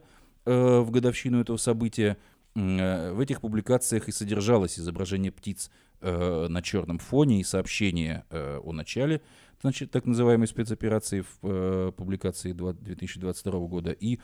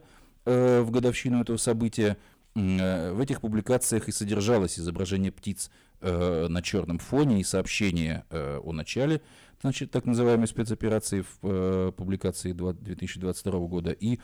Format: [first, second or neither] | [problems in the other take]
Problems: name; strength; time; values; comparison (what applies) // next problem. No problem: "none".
first | distortion; slight; 5% of the sound clipped